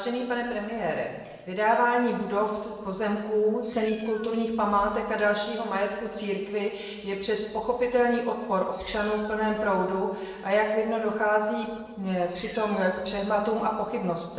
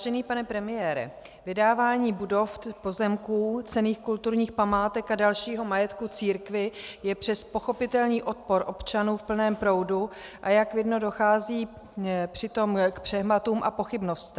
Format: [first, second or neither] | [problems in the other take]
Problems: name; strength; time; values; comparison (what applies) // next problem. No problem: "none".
second | noise reduction (neural separator model SepFormer DNS4)